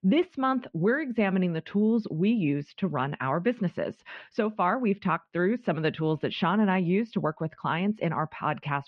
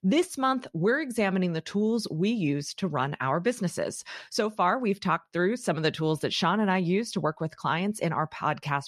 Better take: second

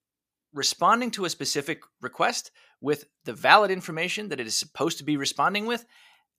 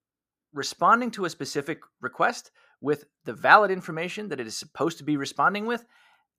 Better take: first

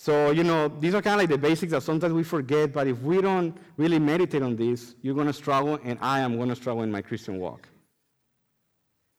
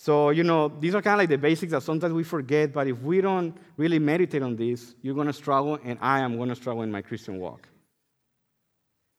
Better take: second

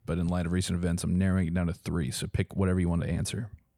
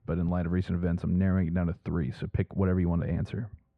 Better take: first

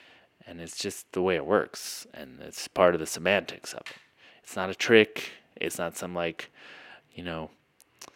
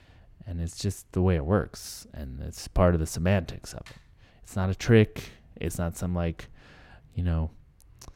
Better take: second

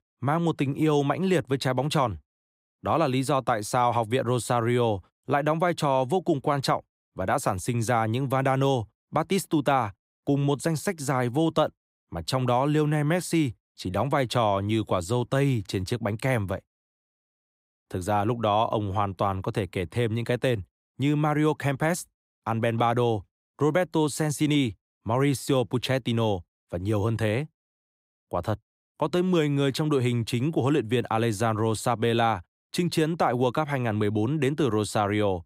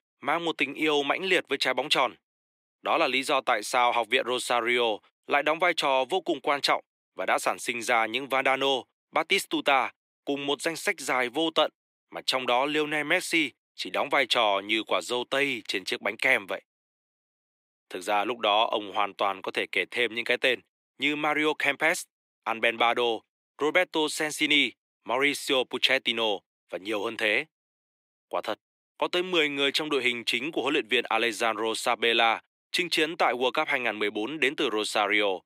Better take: first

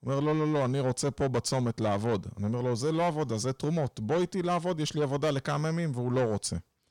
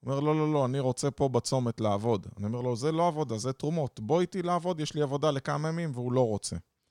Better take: second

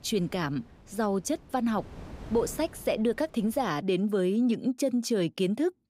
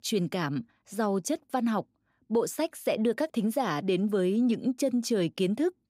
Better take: second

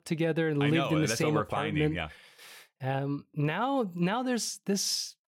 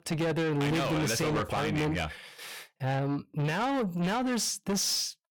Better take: first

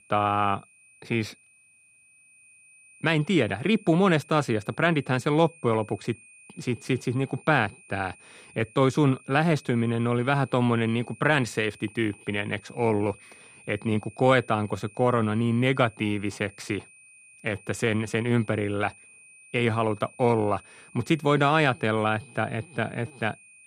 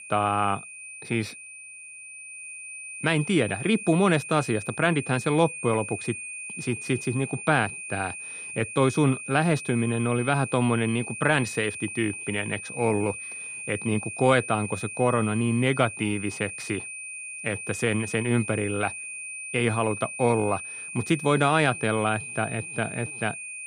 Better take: first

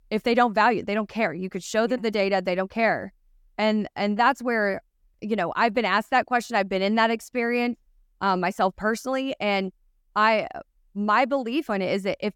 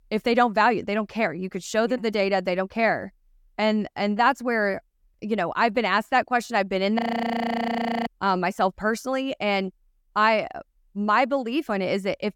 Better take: first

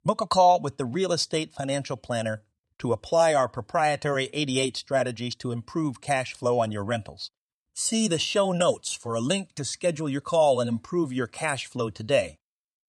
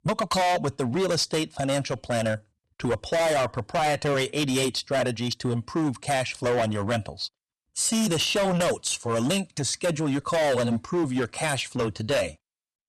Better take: first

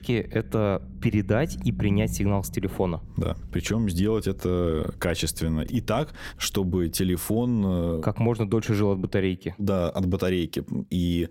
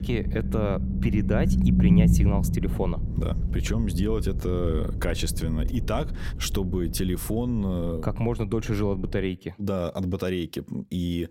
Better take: first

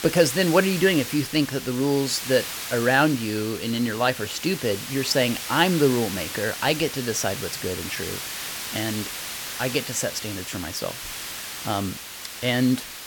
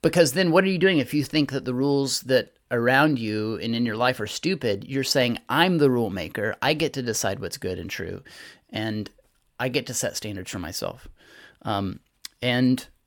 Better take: second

